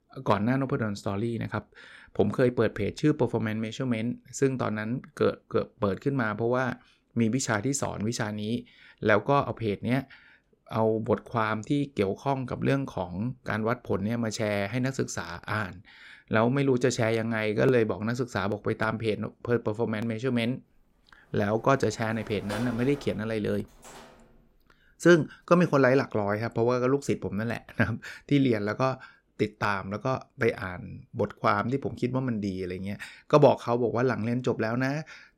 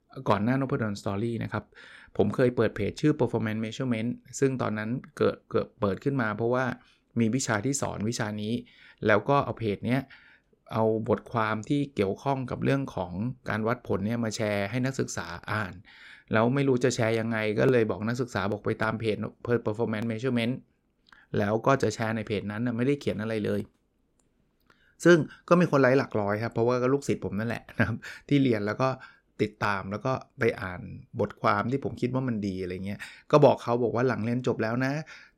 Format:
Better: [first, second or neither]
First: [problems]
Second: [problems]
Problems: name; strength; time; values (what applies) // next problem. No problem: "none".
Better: second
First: door banging; noticeable; from 22 to 24 s; peak 9 dB below the speech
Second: none